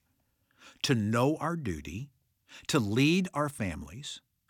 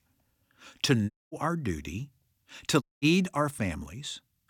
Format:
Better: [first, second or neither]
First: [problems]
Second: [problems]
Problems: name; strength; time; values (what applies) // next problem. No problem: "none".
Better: first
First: none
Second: audio cutting out; at 1 s and at 3 s